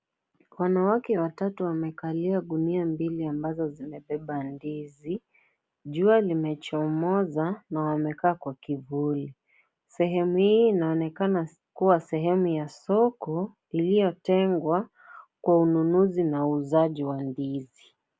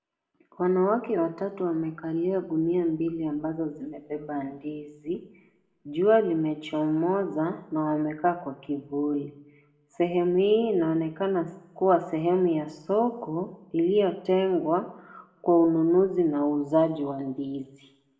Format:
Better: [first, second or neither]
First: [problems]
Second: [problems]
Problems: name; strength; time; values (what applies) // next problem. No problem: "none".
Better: first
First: none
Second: room echo; dies away in 0.8 s